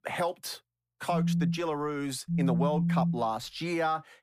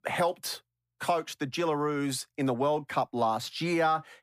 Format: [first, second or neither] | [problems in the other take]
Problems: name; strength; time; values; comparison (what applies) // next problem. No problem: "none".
second | phone ringing; loud; from 1 to 3 s; peak 5 dB above the speech